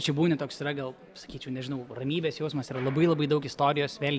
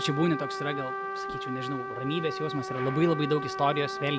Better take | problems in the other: first | background sound (Trumpet); 5 dB below the speech

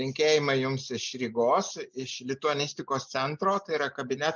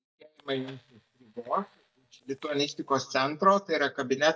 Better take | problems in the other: first | noise reduction (neural mask model DeepFilterNet 3)

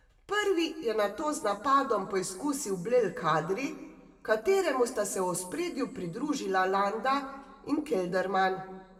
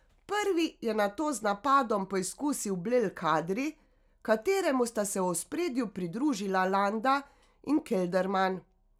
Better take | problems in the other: second | room echo; dies away in 1 s

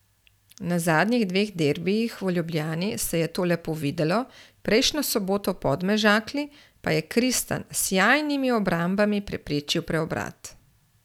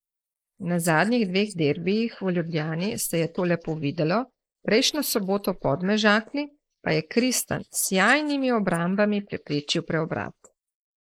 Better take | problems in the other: first | noise reduction (neural mask model Resemble Enhance denoiser)

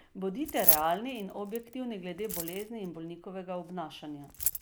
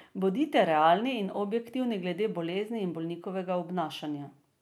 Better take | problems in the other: second | background sound (Keys jangling); 1 dB above the speech

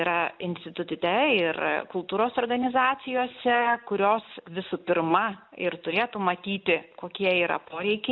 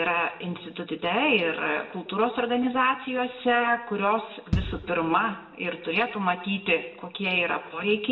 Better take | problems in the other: first | background sound (Bass drum); 7 dB below the speech // room echo; dies away in 0.7 s

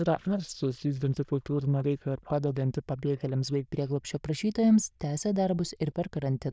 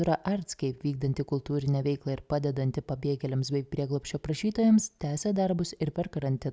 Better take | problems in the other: second | noise reduction (neural diffusion model UNIVERSE++)

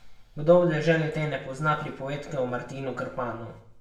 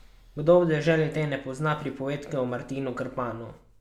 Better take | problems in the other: second | room echo; dies away in 0.5 s

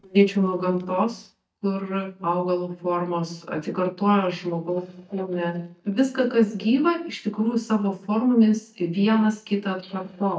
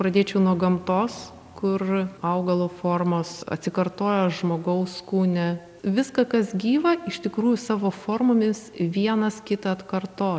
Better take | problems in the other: second | noise reduction (neural mask model DeepFilterNet 3)

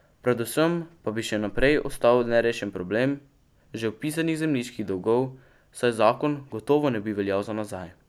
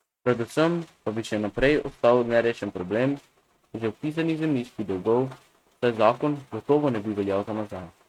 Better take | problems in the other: first | noise reduction (neural mask model RNNoise)

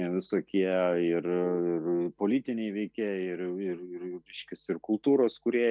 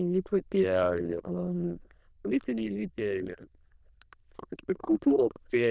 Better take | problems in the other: first | noise reduction (neural diffusion model UNIVERSE++)

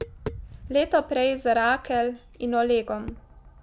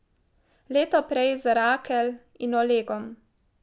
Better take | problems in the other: second | background sound (Tap); 15 dB below the speech

